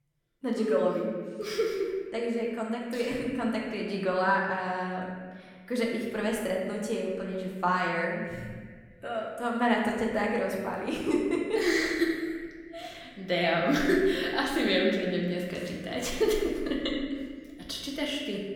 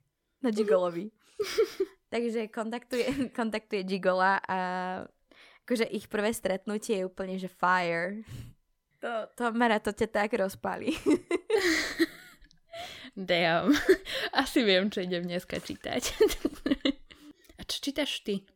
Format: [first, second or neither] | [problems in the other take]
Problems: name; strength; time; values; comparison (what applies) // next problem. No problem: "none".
second | room echo; noticeable; dies away in 1.5 s // off-mic speech; somewhat distant